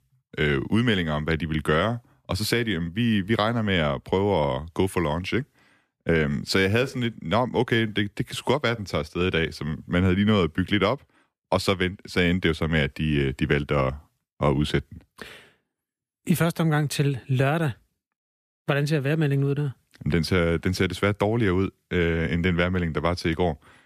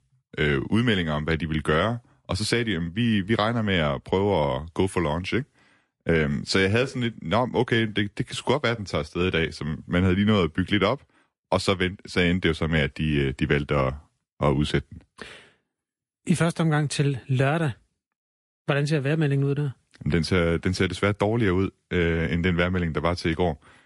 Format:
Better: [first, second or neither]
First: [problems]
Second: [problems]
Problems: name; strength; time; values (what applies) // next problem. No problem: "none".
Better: first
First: none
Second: garbled, watery; slightly; nothing above 11 kHz